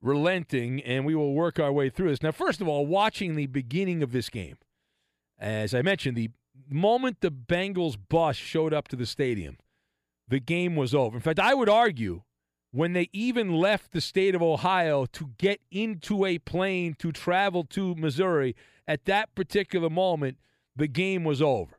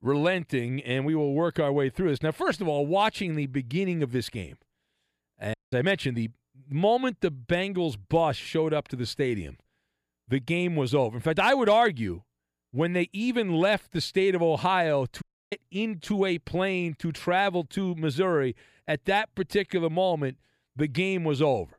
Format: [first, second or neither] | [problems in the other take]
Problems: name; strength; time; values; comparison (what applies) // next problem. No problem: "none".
first | audio cutting out; at 5.5 s and at 15 s